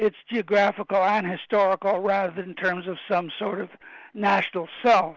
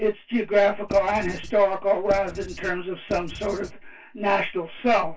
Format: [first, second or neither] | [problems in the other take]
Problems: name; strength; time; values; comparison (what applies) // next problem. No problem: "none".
first | background sound (Writing); 14 dB below the speech // room echo; dies away in 0.1 s